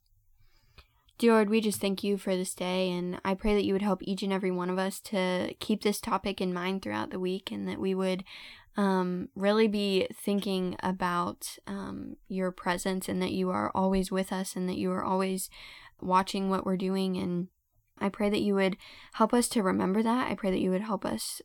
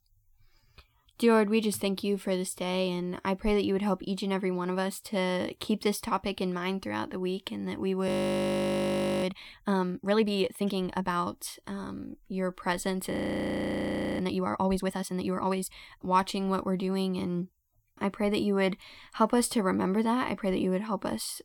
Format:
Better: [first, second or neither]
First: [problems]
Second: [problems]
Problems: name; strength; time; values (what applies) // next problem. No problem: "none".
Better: first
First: none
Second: audio freezing; at 8 s for 1 s and at 13 s for 1 s